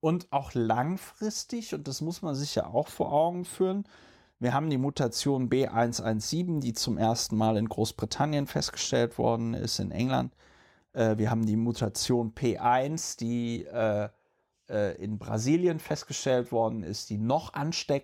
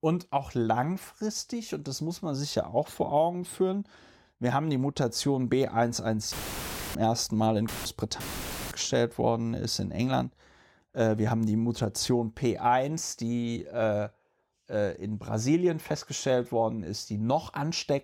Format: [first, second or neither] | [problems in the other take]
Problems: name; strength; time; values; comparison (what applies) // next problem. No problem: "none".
first | audio cutting out; filled with static; at 6.5 s for 0.5 s, at 7.5 s and at 8 s for 0.5 s